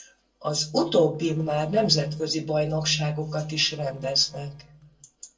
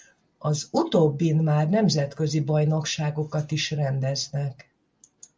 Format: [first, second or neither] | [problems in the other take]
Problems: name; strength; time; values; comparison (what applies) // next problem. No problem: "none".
second | noise reduction (neural separator model SepFormer DNS4)